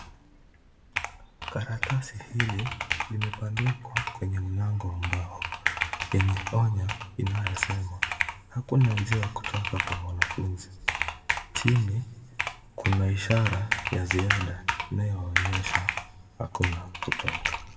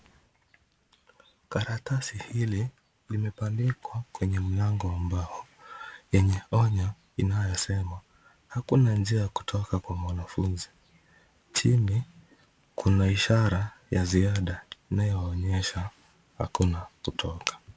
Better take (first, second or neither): second